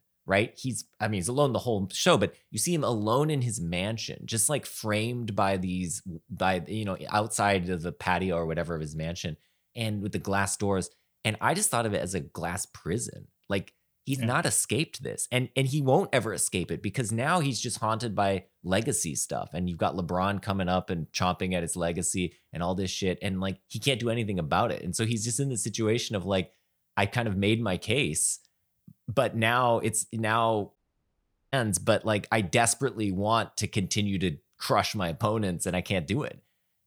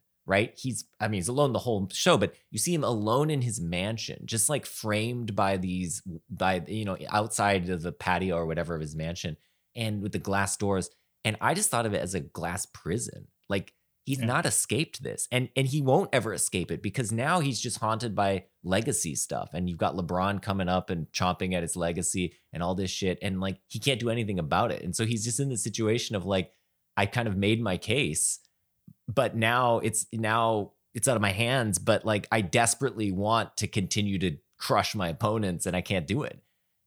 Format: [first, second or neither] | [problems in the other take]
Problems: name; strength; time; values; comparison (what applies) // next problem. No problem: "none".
second | audio cutting out; at 31 s for 1 s